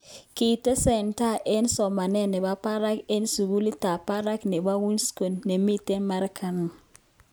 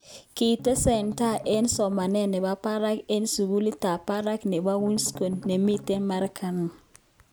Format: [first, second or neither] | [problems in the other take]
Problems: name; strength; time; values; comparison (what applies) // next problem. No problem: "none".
first | background sound (Strum); 15 dB below the speech